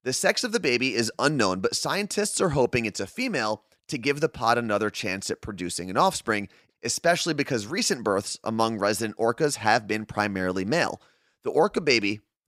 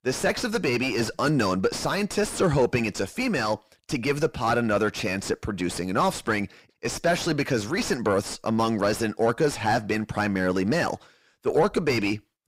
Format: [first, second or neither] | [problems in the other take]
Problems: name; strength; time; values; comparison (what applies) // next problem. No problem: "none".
first | distortion; heavy; 6 dB below the speech